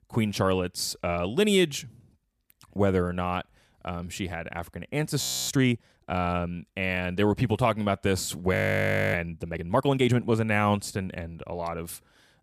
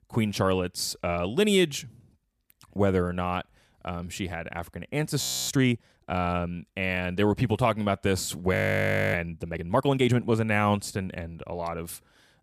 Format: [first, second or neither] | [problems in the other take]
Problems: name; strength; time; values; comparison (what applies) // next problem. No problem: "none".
neither | audio freezing; at 5 s and at 8.5 s for 0.5 s; the same in both